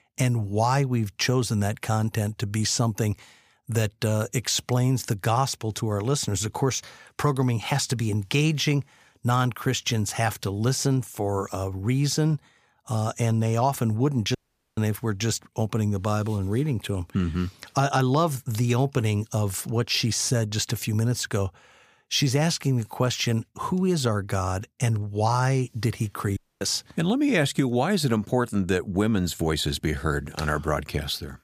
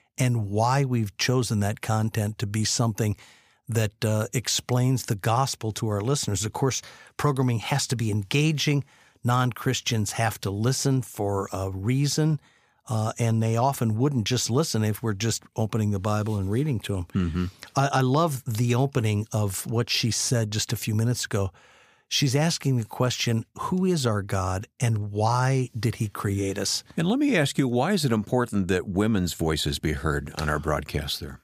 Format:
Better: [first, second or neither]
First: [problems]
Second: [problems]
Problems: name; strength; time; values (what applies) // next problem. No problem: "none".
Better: second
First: audio cutting out; at 14 s and at 26 s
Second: none